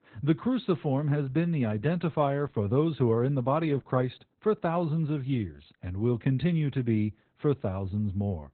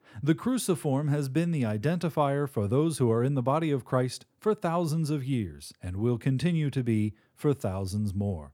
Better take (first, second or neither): second